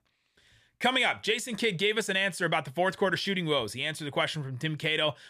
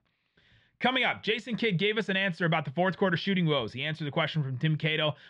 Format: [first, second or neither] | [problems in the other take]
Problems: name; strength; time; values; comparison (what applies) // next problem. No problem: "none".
first | muffled; slightly; fading above 4 kHz